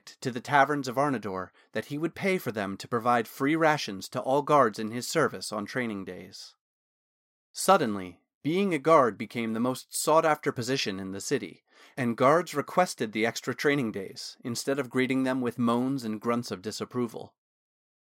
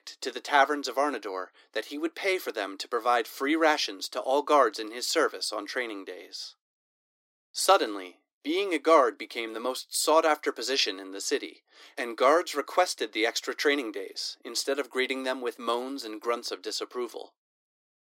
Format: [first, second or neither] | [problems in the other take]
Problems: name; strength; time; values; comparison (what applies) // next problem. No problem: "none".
first | thin; somewhat; fading below 300 Hz